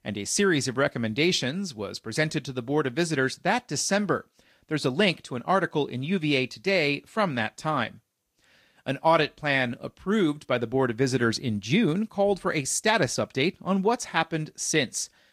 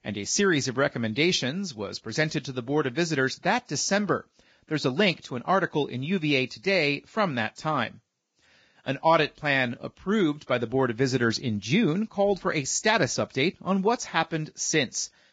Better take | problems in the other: first | garbled, watery; badly; nothing above 7.5 kHz; slightly in the first

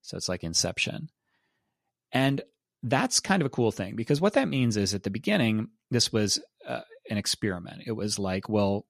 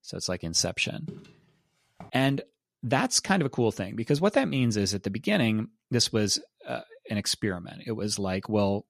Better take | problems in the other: first | footsteps; faint; from 1 to 2 s; peak 15 dB below the speech

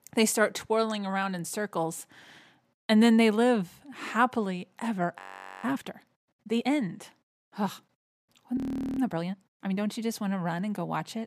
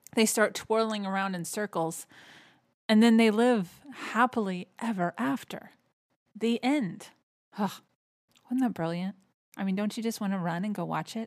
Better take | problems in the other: second | audio freezing; at 5 s and at 8.5 s

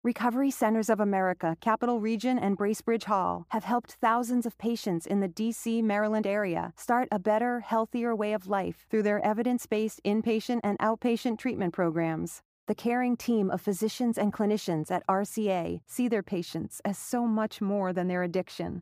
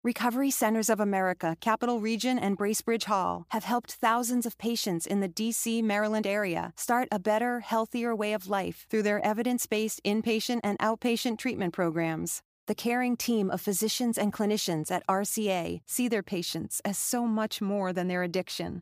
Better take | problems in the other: second | muffled; slightly; fading above 2.5 kHz

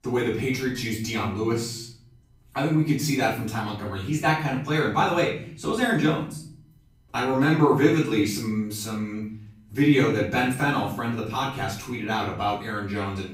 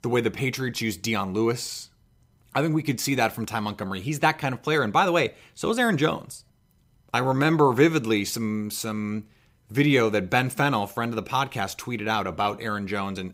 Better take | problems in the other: second | off-mic speech; far // room echo; noticeable; dies away in 0.5 s

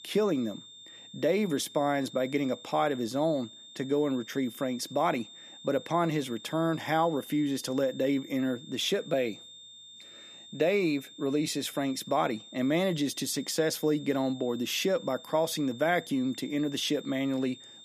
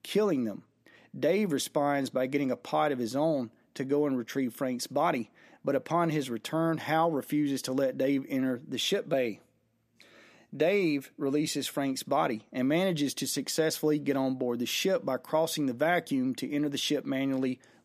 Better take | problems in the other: second | high-pitched whine; noticeable; throughout; 3.5 kHz, 15 dB below the speech

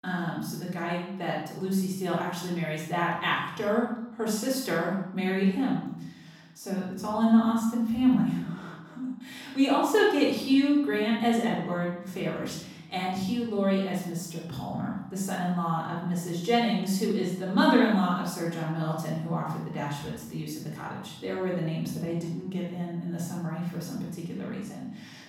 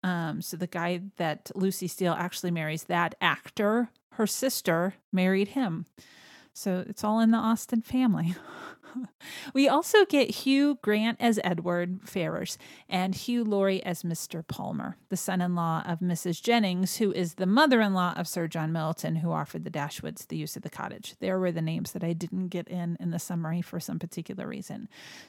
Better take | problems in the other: second | room echo; noticeable; dies away in 0.8 s // off-mic speech; far

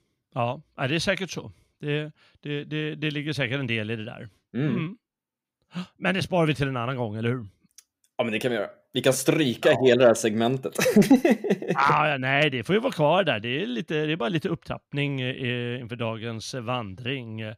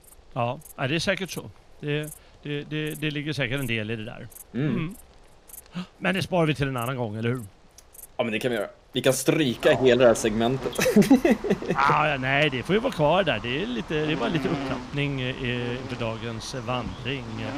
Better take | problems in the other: first | animal sounds; noticeable; throughout; 15 dB below the speech

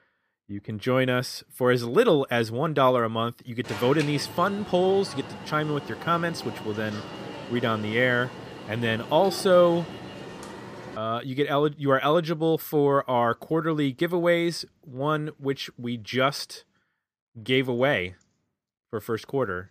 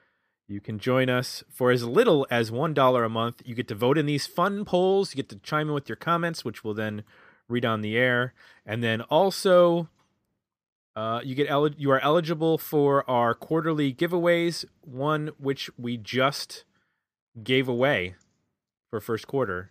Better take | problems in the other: second | alarm; noticeable; from 3.5 to 11 s; peak 9 dB below the speech

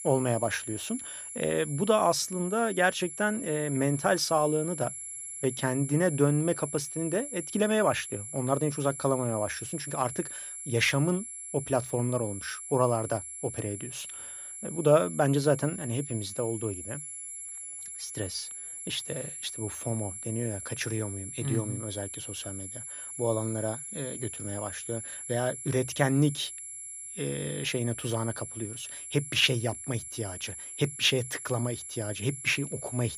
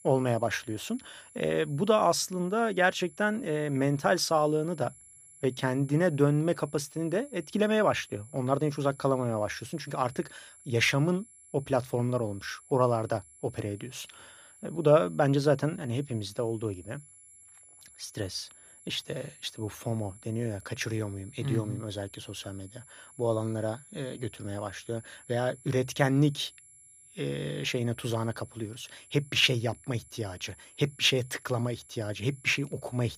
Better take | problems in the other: second | high-pitched whine; loud; throughout; 11 kHz, 8 dB below the speech; faint in the second

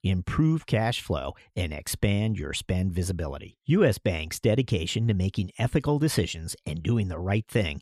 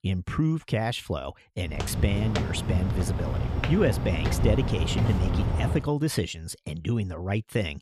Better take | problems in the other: first | footsteps; loud; from 1.5 to 6 s; peak 2 dB above the speech

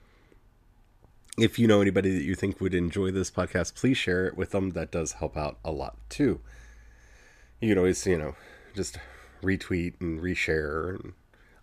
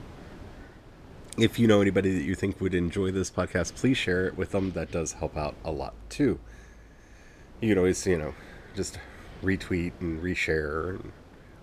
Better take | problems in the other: first | wind noise on the microphone; occasional gusts; 20 dB below the speech

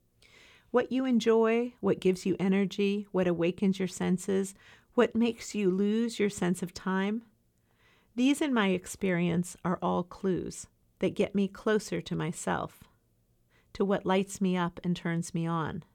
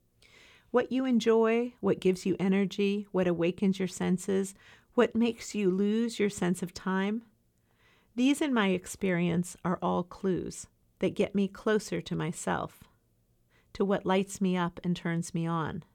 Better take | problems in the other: neither | none

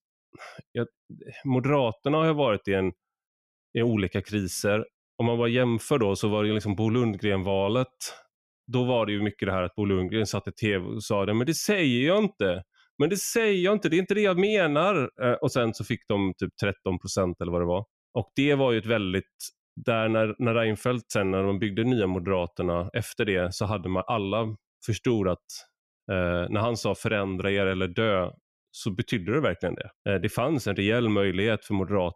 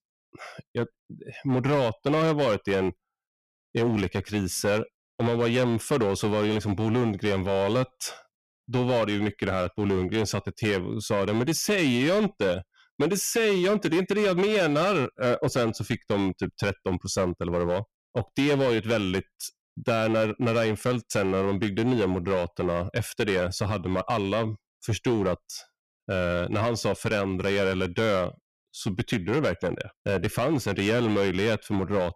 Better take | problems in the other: first | distortion; slight; 10% of the sound clipped

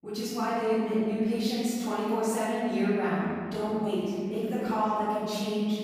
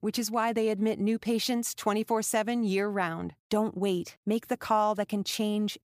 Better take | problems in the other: second | off-mic speech; far // room echo; strong; dies away in 2.2 s

